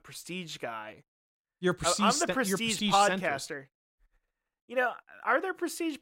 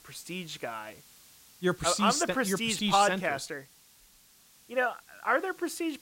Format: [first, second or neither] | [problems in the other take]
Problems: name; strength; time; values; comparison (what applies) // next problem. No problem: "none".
first | hiss; faint; throughout; 25 dB below the speech